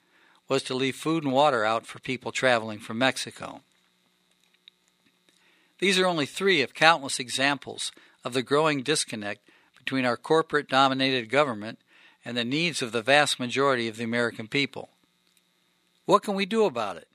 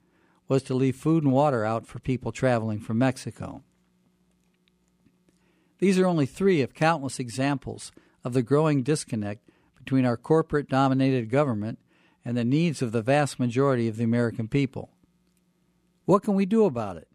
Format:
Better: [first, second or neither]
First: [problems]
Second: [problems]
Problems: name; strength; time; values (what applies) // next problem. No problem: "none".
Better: second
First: thin; somewhat; fading below 900 Hz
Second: none